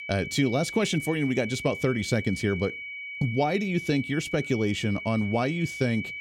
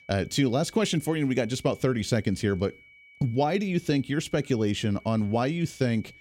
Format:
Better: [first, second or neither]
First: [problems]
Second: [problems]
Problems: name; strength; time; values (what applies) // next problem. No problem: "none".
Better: second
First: high-pitched whine; loud; throughout; 2.5 kHz, 8 dB below the speech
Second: high-pitched whine; faint; throughout; 2.5 kHz, 25 dB below the speech